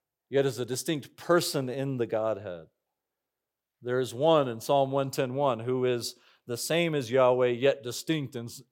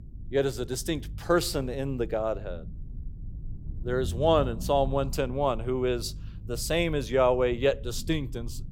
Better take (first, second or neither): first